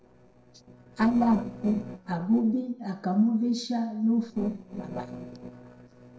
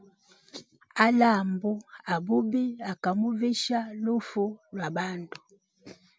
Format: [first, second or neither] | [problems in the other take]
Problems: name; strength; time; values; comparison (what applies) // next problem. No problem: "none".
second | noise reduction (neural separator model SepFormer DNS4)